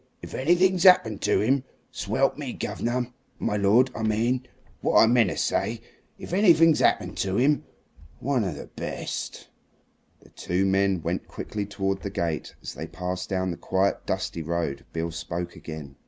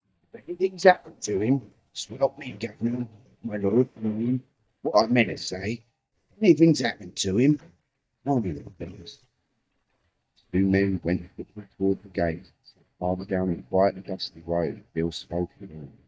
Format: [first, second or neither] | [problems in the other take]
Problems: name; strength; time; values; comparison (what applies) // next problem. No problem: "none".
first | noise reduction (neural mask model DeepFilterNet 3)